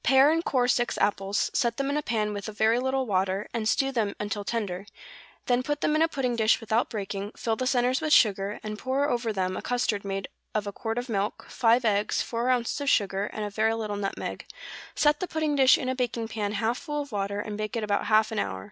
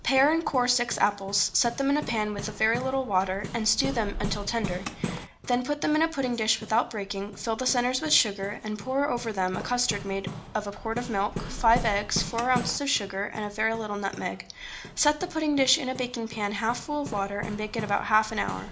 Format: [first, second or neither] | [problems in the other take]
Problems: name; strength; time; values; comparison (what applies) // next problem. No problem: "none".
first | background sound (Hammer); 11 dB below the speech // room echo; dies away in 0.4 s